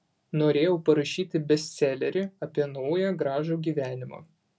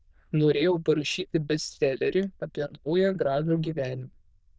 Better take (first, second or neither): first